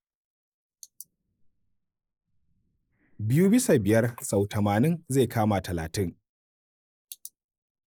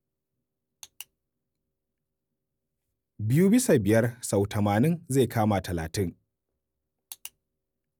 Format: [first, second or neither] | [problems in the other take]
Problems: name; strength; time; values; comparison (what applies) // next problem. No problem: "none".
second | noise reduction (neural mask model Resemble Enhance denoiser)